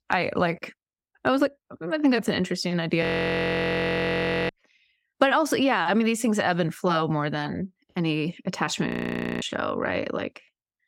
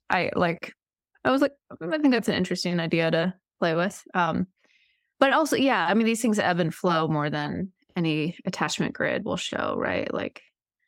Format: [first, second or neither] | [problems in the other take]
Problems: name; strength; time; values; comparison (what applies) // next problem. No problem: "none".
second | audio freezing; at 3 s for 1.5 s and at 9 s for 0.5 s